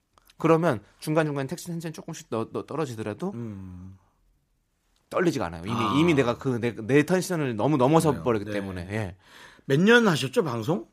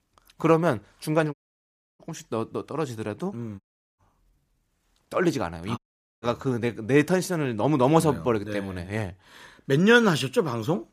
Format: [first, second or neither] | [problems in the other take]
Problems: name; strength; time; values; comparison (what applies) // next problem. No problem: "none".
first | audio cutting out; at 1.5 s for 0.5 s, at 3.5 s and at 6 s